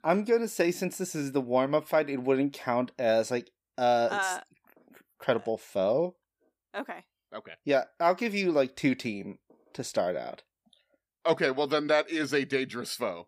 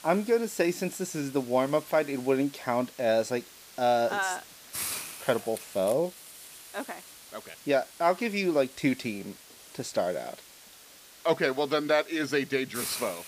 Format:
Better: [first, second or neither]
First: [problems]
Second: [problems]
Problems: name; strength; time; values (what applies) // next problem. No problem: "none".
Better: first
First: none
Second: hiss; noticeable; throughout; 15 dB below the speech